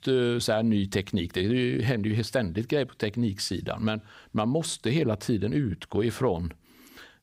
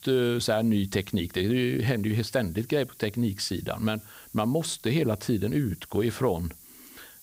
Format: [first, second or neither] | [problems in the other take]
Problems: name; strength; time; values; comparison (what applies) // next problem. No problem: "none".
first | hiss; faint; throughout; 20 dB below the speech